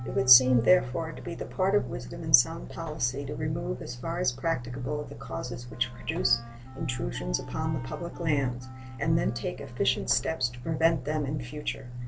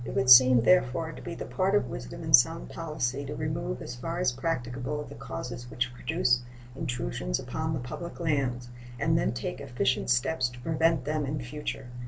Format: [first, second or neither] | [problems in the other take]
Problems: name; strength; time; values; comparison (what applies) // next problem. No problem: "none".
second | background sound (Subway, metro, underground + Wind instrument, woodwind instrument); 20 dB below the speech